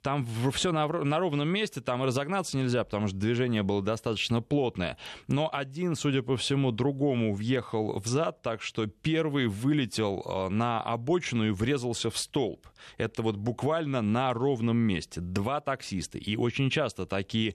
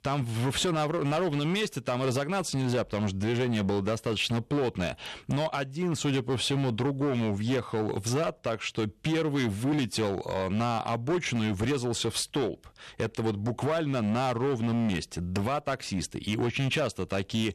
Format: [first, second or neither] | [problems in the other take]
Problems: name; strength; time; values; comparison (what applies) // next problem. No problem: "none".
first | distortion; slight; 15% of the sound clipped